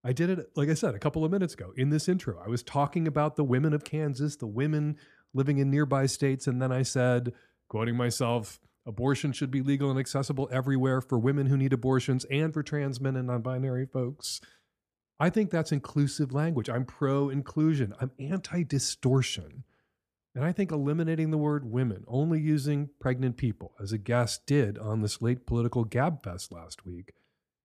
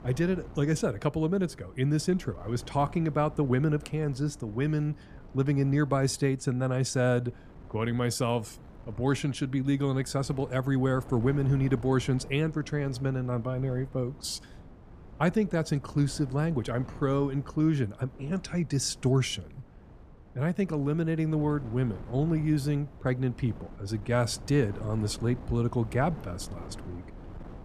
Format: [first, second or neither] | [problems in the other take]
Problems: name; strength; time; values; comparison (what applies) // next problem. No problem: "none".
first | wind noise on the microphone; occasional gusts; 20 dB below the speech